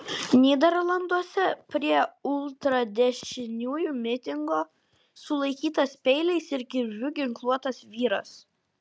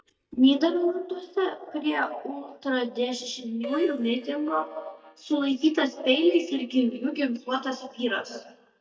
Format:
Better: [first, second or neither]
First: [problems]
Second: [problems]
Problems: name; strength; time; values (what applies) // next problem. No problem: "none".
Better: first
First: none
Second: noise reduction (neural mask model DeepFilterNet 3)